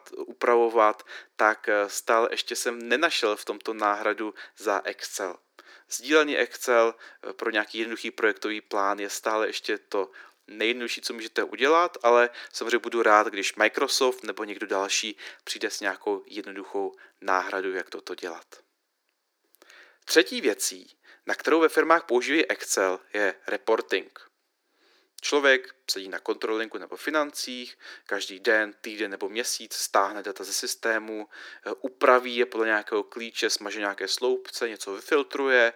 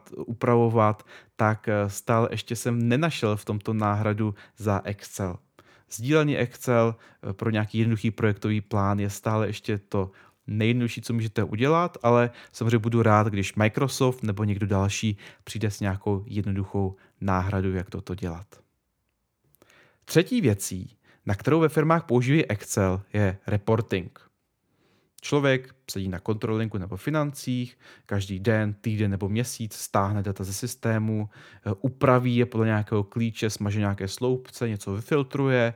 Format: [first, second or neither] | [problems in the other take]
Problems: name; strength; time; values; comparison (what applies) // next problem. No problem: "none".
second | thin; very; fading below 300 Hz